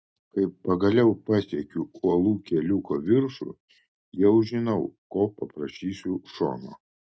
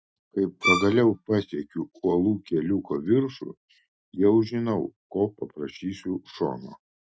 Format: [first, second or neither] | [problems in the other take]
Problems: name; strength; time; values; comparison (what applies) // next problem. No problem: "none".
first | noise reduction (classical method Wiener filter)